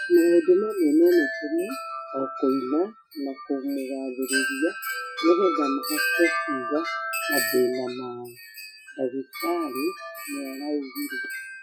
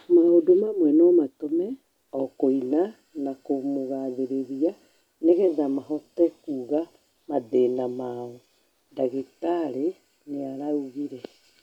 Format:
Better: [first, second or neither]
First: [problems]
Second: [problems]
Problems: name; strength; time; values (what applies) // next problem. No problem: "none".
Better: second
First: noise reduction (classical method Wiener filter)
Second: none